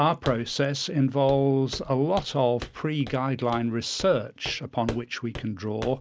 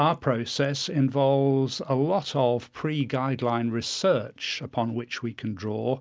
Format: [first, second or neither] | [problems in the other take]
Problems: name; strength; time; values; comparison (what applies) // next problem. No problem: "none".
second | background sound (Walk, footsteps); 16 dB below the speech